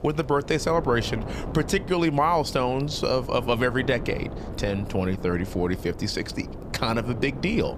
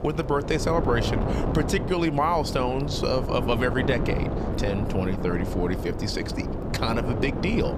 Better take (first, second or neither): first